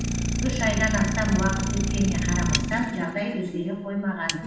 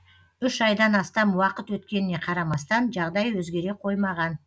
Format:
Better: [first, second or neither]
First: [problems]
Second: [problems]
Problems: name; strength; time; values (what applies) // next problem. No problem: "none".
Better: second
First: background sound (Idling); as loud as the speech // room echo; dies away in 0.9 s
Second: none